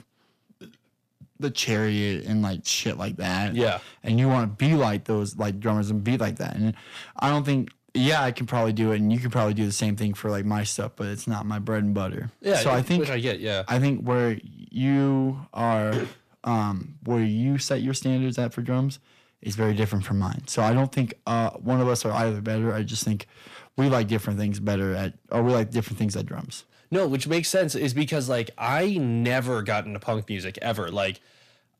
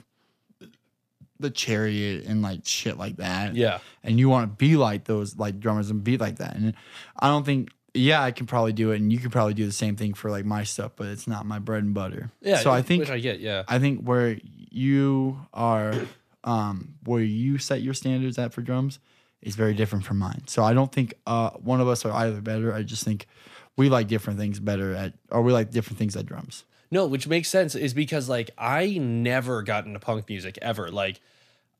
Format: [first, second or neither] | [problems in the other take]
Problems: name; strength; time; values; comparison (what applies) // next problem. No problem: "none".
second | distortion; slight; 10 dB below the speech